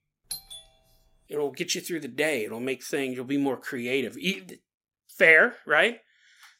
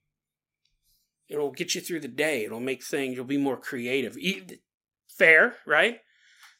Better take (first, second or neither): second